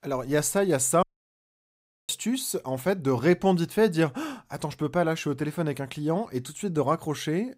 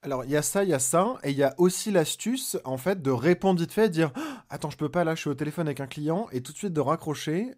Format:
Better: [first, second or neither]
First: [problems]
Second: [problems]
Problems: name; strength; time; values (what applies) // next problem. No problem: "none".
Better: second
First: audio cutting out; at 1 s for 1 s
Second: none